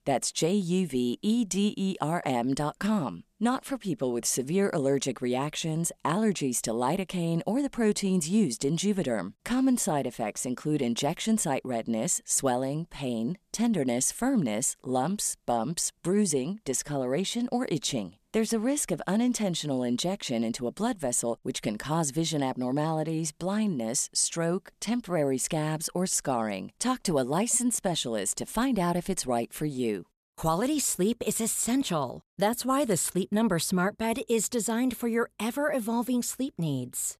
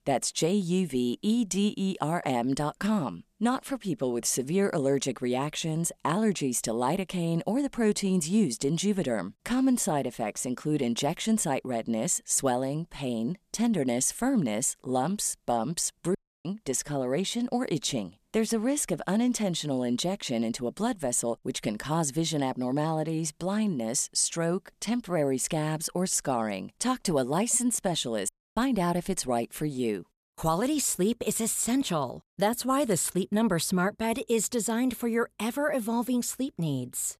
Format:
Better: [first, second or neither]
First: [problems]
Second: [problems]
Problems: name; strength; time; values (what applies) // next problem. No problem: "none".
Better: first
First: none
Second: audio cutting out; at 16 s and at 28 s